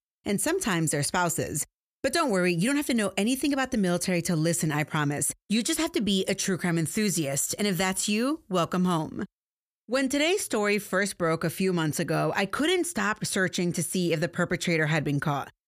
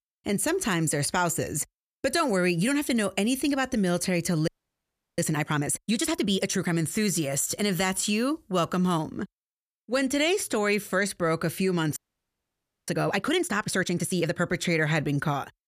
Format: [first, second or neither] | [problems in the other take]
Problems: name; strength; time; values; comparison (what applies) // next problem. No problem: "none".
first | audio freezing; at 4.5 s for 0.5 s and at 12 s for 1 s